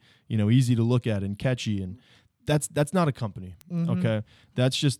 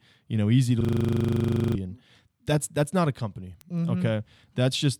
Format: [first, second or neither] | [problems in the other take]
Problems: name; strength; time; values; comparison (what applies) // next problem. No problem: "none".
first | audio freezing; at 1 s for 1 s